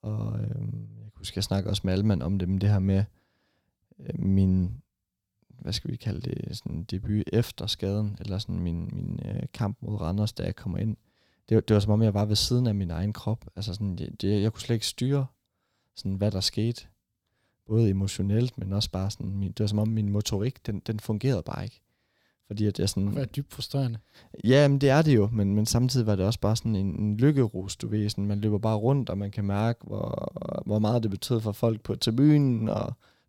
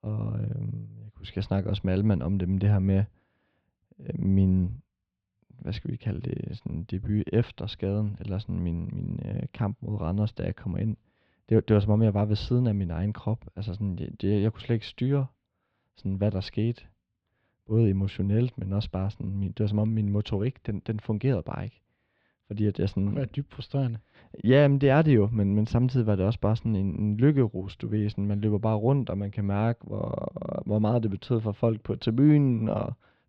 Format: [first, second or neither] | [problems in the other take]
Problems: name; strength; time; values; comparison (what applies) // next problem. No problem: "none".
first | muffled; very; fading above 3 kHz